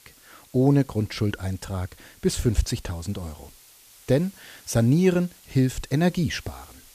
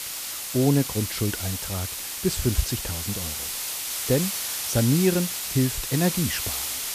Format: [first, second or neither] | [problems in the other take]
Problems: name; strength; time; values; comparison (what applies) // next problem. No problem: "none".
first | hiss; loud; throughout; 2 dB below the speech; faint in the first